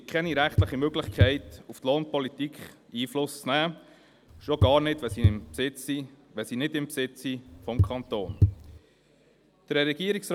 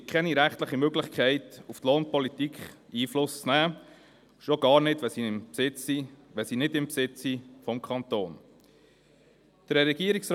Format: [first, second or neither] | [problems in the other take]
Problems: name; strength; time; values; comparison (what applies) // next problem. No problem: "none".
second | background sound (Walk, footsteps / Bird vocalization, bird call, bird song); as loud as the speech